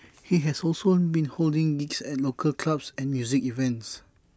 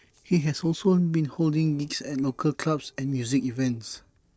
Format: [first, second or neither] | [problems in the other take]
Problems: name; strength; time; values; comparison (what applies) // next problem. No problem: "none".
first | noise reduction (neural separator model SepFormer DNS4)